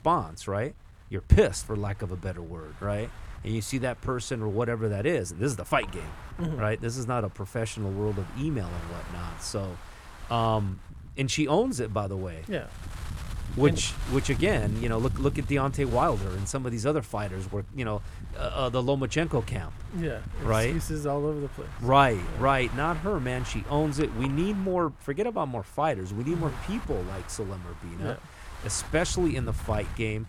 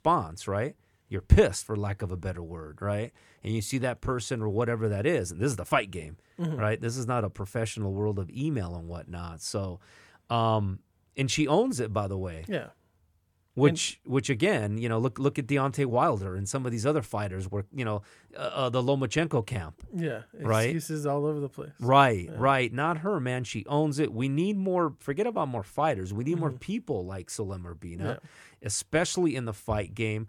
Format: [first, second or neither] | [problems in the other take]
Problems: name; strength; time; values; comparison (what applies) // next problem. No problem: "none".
second | wind noise on the microphone; occasional gusts; 15 dB below the speech